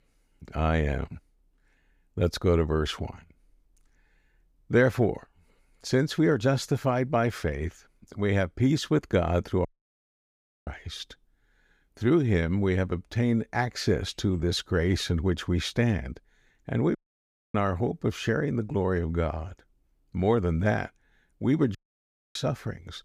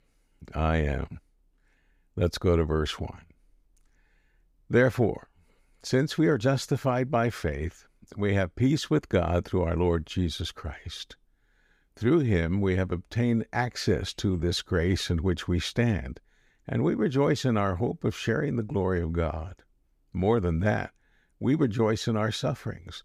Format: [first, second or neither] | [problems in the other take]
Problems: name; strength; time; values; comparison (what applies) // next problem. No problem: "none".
second | audio cutting out; at 9.5 s for 1 s, at 17 s for 0.5 s and at 22 s for 0.5 s